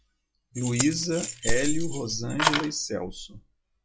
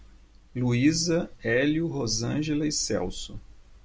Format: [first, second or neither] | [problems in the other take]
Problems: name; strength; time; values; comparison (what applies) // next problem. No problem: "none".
second | noise reduction (classical method log-MMSE)